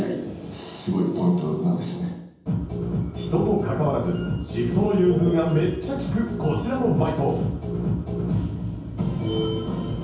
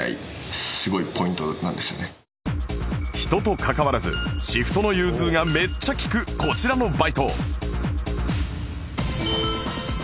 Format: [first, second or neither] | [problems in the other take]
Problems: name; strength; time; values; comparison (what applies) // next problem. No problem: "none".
second | room echo; dies away in 0.9 s